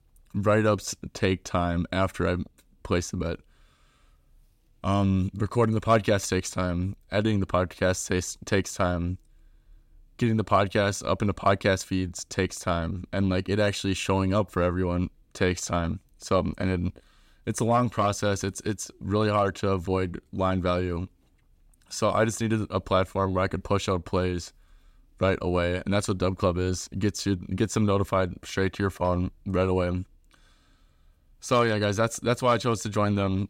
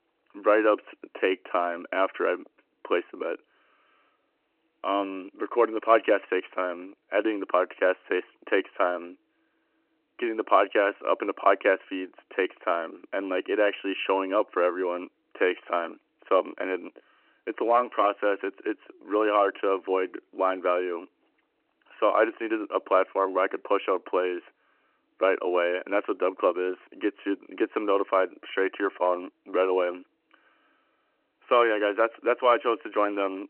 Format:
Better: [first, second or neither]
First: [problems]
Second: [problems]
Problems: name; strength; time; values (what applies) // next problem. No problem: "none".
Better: first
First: none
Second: phone-call audio